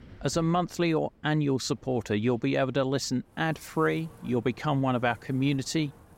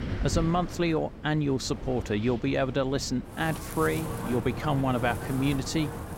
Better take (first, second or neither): first